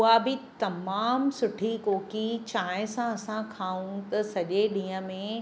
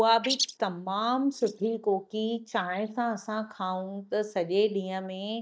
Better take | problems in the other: first | noise reduction (neural mask model DeepFilterNet 3)

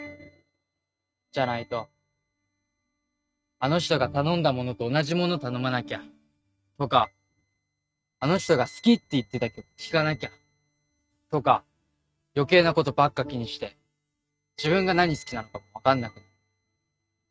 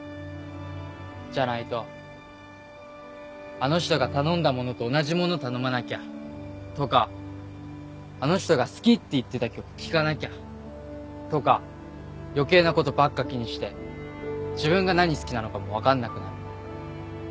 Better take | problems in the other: second | noise reduction (neural mask model RNNoise)

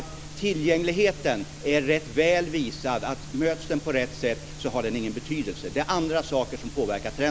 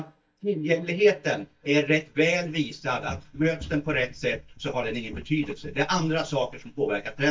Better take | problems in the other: first | noise reduction (neural mask model DeepFilterNet 3)

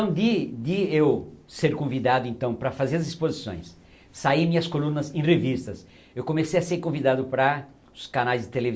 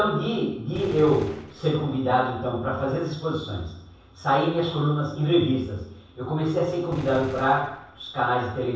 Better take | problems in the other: first | background sound (Gunshot, gunfire); 16 dB below the speech // room echo; dies away in 0.7 s

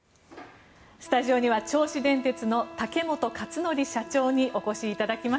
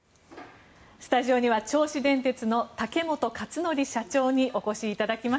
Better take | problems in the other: second | background sound (Wind instrument, woodwind instrument); 17 dB below the speech

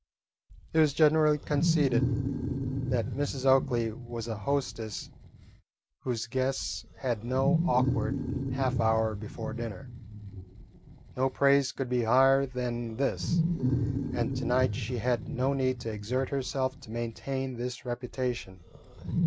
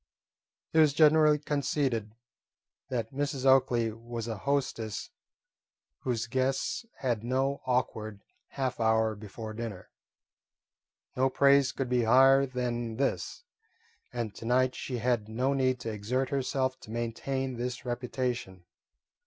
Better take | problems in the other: second | background sound (Wild animals); 3 dB below the speech

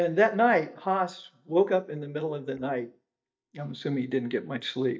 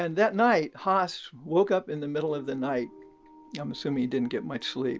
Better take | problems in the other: second | noise reduction (neural mask model DeepFilterNet 3)

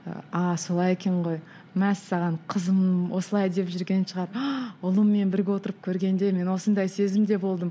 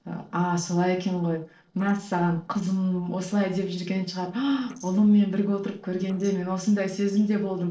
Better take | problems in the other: first | noise reduction (neural separator model SepFormer DNS4)

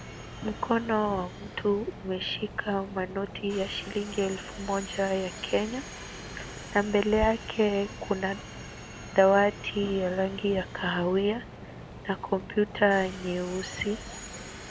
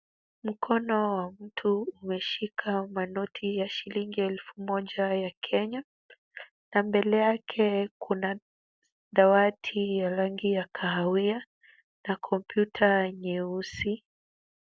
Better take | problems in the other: second | background sound (Subway, metro, underground); 12 dB below the speech

